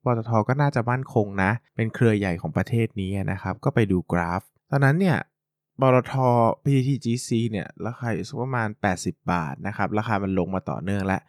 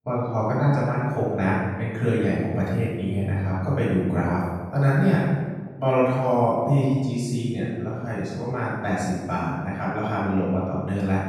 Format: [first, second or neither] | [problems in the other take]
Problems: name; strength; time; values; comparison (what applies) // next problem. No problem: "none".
first | off-mic speech; far // room echo; strong; dies away in 1.3 s